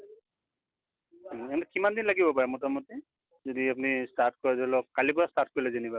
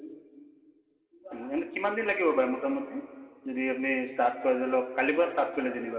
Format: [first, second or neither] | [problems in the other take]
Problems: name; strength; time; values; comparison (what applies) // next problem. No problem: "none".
first | room echo; dies away in 2 s